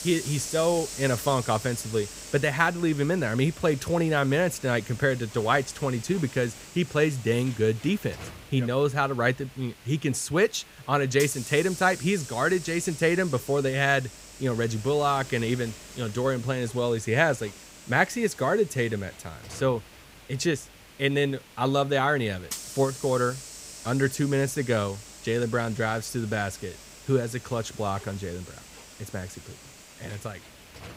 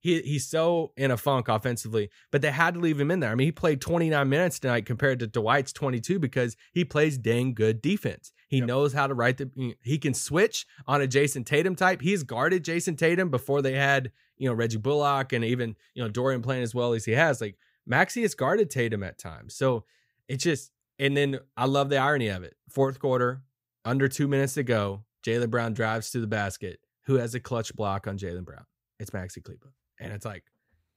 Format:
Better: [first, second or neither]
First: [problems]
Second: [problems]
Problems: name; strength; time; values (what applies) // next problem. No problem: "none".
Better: second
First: hiss; noticeable; throughout; 15 dB below the speech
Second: none